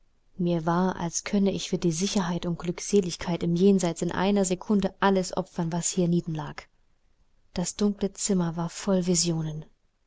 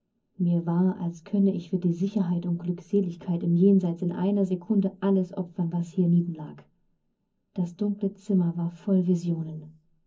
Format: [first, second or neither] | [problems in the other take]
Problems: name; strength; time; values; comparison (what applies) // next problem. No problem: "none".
first | room echo; dies away in 0.4 s